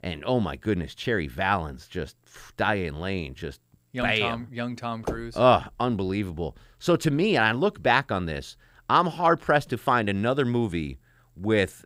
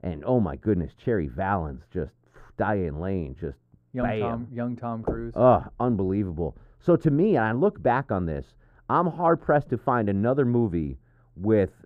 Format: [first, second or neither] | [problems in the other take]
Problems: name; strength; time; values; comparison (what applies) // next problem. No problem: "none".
first | muffled; very; fading above 1.5 kHz